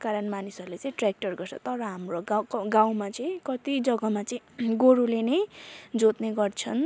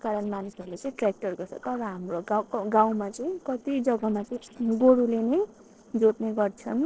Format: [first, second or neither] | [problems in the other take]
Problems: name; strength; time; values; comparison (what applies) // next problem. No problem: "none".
first | noise reduction (neural separator model SepFormer DNS4)